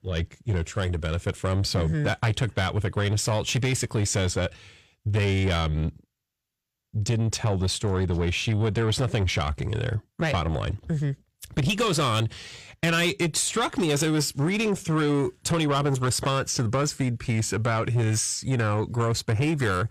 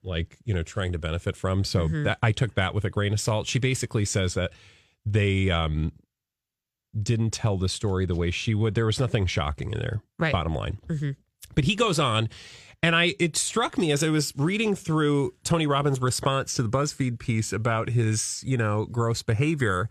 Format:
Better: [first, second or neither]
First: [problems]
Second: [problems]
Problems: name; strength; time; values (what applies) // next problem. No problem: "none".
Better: second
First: distortion; slight; 10 dB below the speech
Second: none